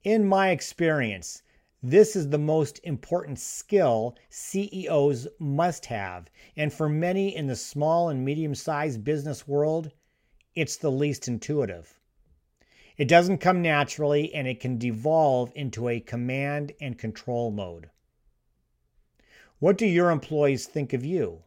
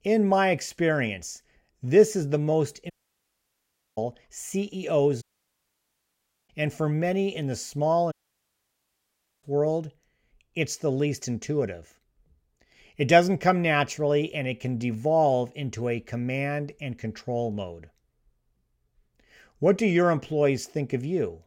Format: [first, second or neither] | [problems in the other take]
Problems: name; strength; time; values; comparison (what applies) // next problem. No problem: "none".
first | audio cutting out; at 3 s for 1 s, at 5 s for 1.5 s and at 8 s for 1.5 s